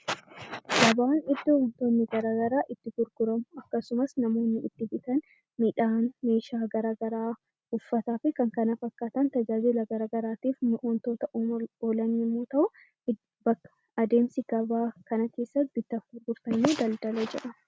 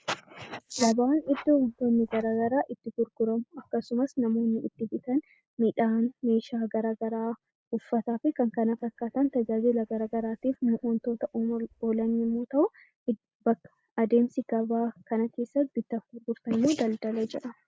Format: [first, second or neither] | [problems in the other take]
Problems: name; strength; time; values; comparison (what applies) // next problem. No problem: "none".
first | noise reduction (neural mask model Resemble Enhance denoiser)